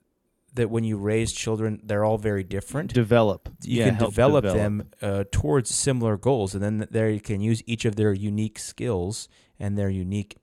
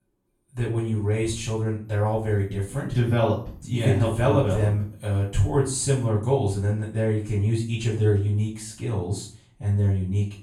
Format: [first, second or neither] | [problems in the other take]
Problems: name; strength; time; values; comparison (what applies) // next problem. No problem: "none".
first | off-mic speech; far // room echo; noticeable; dies away in 0.4 s